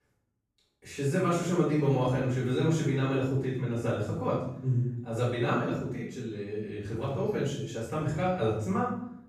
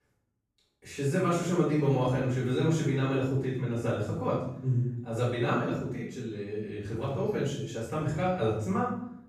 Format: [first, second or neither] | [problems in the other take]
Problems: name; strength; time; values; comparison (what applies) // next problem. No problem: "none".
neither | off-mic speech; far; the same in both // room echo; noticeable; dies away in 0.6 s; the same in both